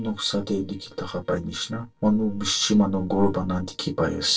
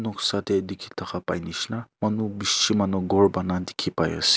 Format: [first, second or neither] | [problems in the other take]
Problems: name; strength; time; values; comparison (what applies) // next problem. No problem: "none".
second | noise reduction (neural separator model SepFormer DNS4)